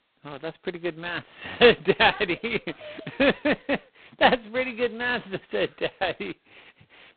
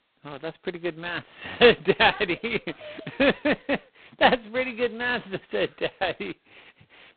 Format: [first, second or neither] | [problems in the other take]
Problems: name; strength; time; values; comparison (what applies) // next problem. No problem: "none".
neither | phone-call audio; poor line; nothing above 4 kHz; the same in both